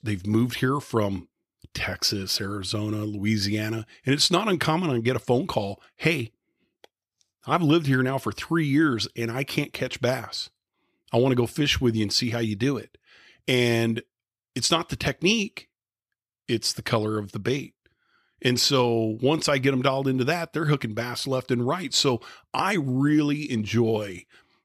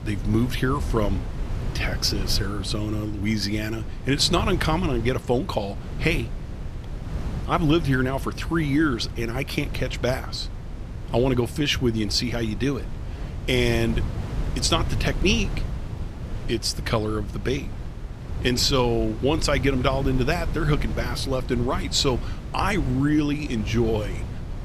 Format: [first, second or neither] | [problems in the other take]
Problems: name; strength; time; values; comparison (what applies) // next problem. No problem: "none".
first | wind noise on the microphone; occasional gusts; 15 dB below the speech